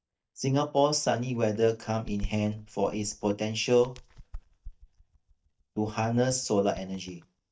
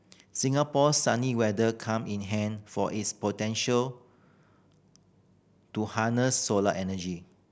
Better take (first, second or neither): second